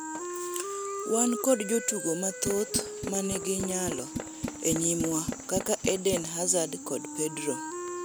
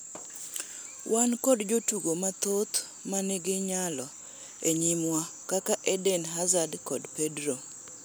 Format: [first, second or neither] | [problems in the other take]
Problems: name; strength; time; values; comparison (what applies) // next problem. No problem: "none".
second | background sound (Wind instrument, woodwind instrument + Tools); 7 dB below the speech